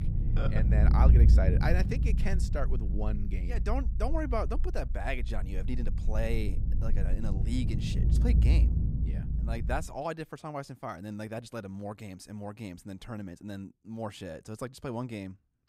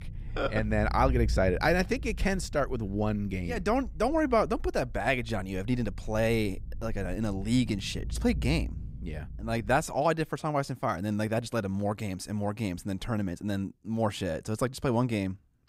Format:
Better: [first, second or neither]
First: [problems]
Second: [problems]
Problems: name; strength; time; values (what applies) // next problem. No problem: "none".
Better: second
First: low rumble; loud; until 10 s; 6 dB below the speech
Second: low rumble; faint; until 10 s; 25 dB below the speech